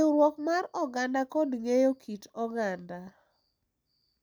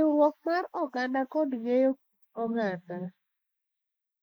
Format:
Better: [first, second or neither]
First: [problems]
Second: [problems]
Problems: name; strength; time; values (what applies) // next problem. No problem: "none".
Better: first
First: none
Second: noise reduction (neural mask model Resemble Enhance denoiser)